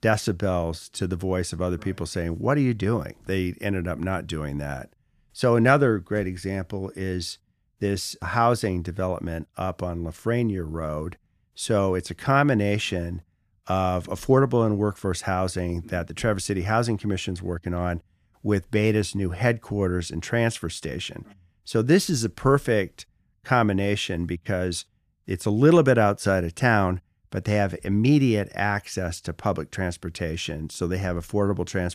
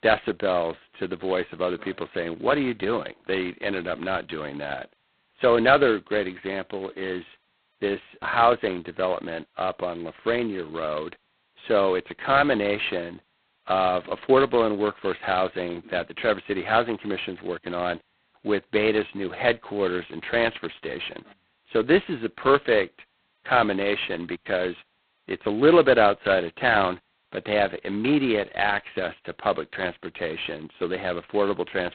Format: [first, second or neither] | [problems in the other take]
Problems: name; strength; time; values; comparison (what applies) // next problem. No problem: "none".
first | phone-call audio; poor line; nothing above 4 kHz